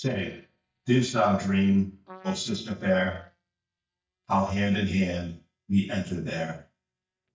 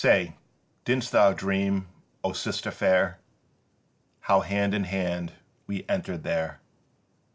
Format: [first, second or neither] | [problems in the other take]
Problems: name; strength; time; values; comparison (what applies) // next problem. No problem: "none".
second | noise reduction (neural mask model DeepFilterNet 3)